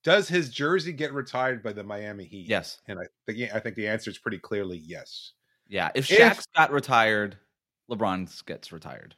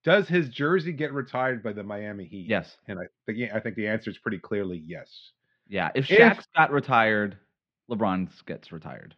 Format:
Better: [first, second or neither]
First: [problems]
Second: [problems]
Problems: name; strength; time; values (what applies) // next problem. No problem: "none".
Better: first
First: none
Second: muffled; slightly; fading above 3 kHz